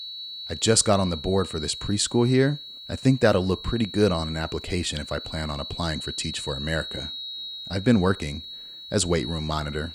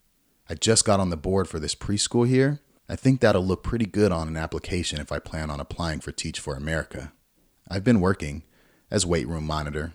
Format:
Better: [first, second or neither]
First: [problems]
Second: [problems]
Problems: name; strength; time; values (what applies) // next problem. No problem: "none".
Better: second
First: high-pitched whine; noticeable; throughout; 4 kHz, 10 dB below the speech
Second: none